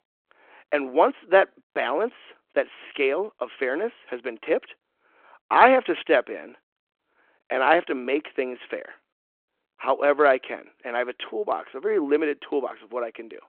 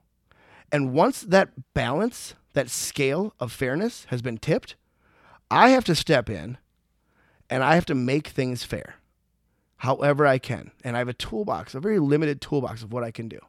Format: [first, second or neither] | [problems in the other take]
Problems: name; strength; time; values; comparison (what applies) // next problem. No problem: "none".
second | phone-call audio